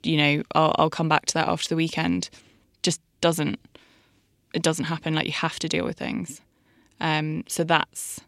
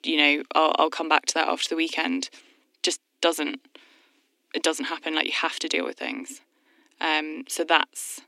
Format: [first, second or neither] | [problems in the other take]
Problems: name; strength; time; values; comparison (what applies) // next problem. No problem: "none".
first | thin; very slightly; fading below 250 Hz